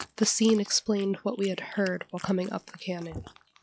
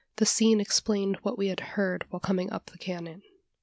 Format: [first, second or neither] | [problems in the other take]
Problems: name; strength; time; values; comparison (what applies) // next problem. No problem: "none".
second | noise reduction (classical method log-MMSE)